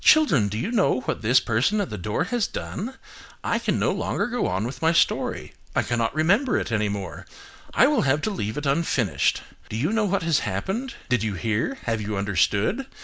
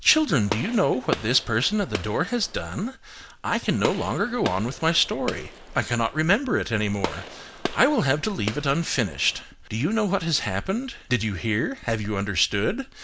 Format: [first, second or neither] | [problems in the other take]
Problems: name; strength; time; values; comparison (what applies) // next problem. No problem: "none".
first | background sound (Gunshot, gunfire); 11 dB below the speech